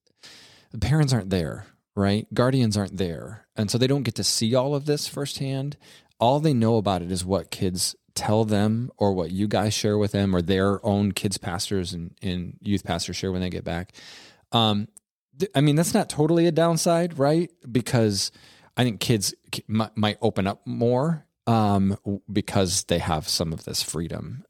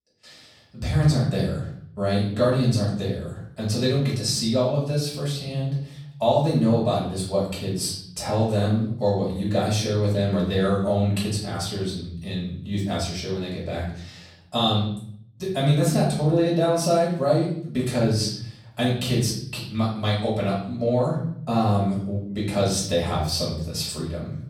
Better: first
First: none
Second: off-mic speech; far // room echo; noticeable; dies away in 0.7 s

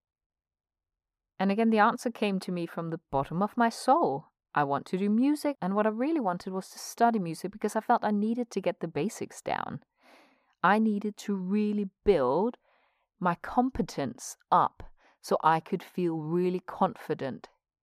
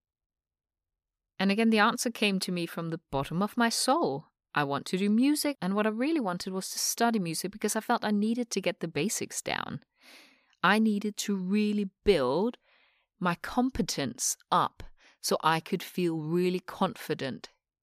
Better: second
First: muffled; slightly; fading above 2 kHz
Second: none

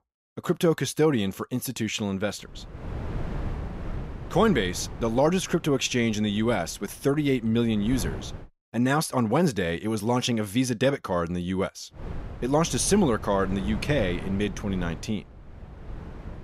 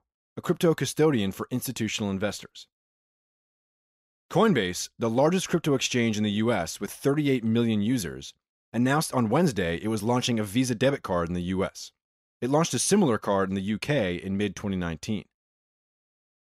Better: second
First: wind noise on the microphone; occasional gusts; from 2.5 to 8.5 s and from 12 s on; 15 dB below the speech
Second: none

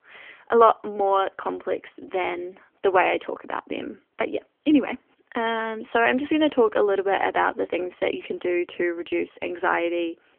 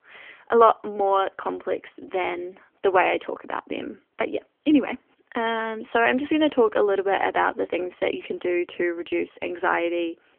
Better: neither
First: phone-call audio; nothing above 3.5 kHz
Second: phone-call audio; nothing above 3.5 kHz

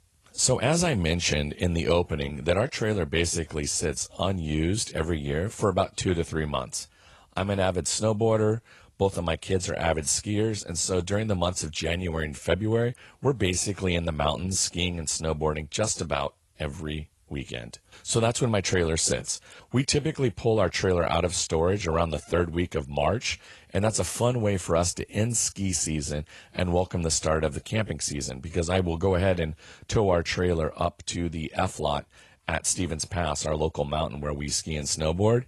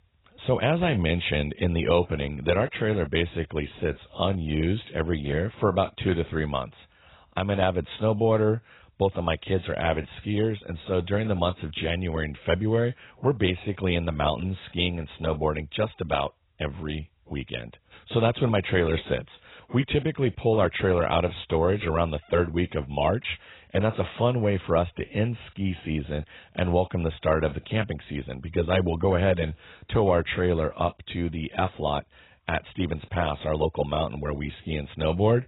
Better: first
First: garbled, watery; slightly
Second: garbled, watery; badly; nothing above 4 kHz

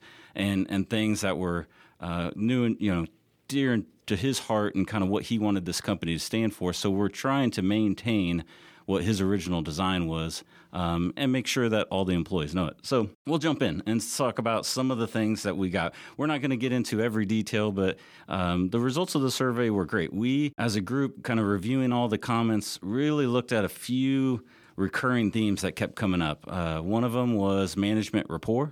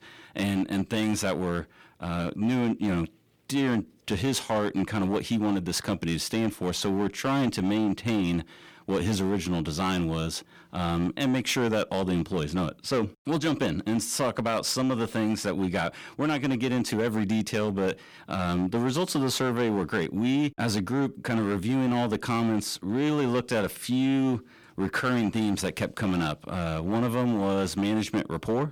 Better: first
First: none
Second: distortion; slight; 10% of the sound clipped

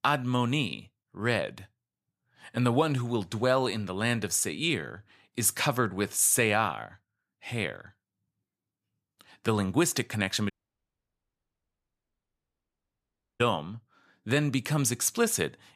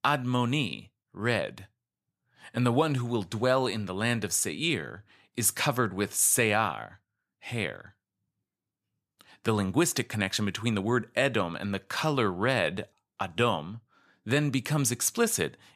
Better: second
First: audio cutting out; at 11 s for 3 s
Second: none

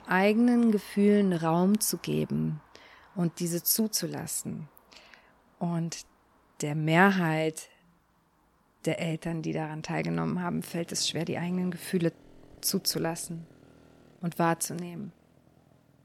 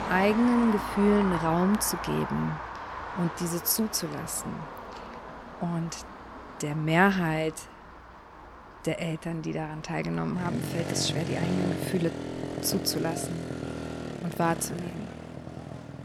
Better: first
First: traffic noise; faint; throughout; 30 dB below the speech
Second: traffic noise; loud; throughout; 7 dB below the speech

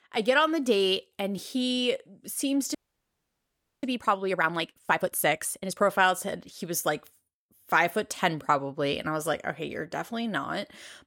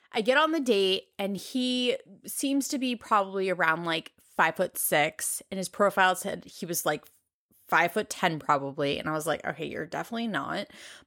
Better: second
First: audio freezing; at 3 s for 1 s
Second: none

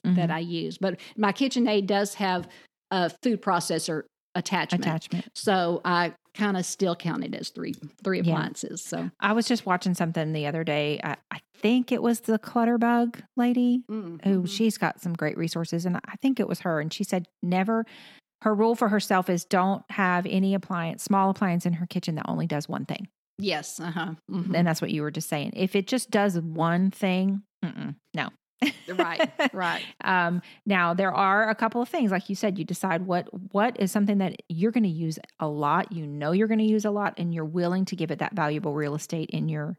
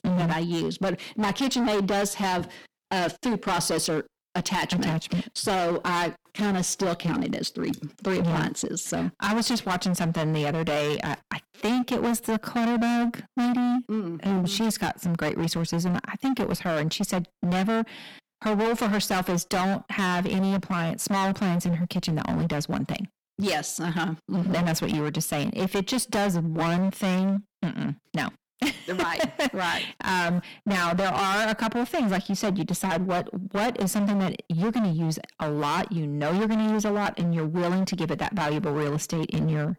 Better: first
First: none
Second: distortion; heavy; 25% of the sound clipped

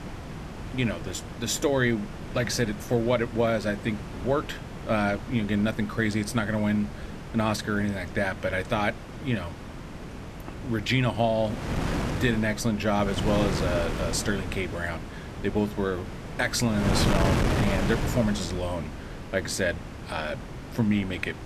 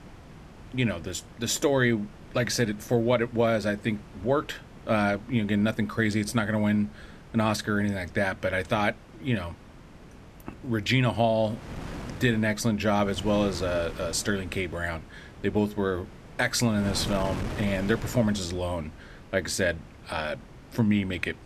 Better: second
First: wind noise on the microphone; heavy; 8 dB below the speech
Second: wind noise on the microphone; occasional gusts; 20 dB below the speech

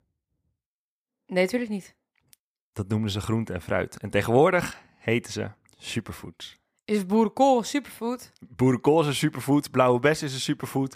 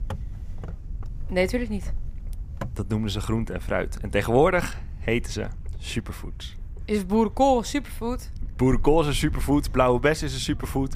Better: first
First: none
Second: wind noise on the microphone; occasional gusts; 25 dB below the speech

